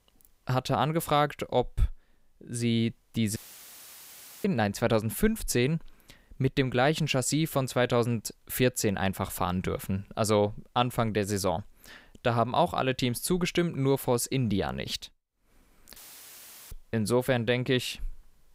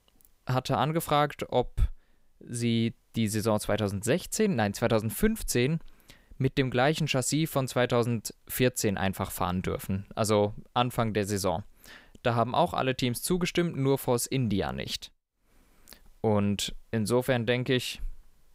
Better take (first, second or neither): second